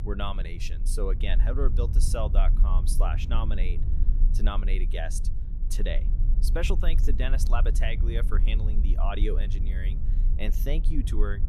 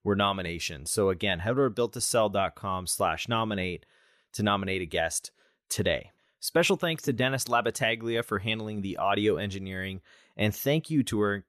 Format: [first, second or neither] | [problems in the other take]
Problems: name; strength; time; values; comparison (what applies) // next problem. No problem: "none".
second | low rumble; noticeable; throughout; 10 dB below the speech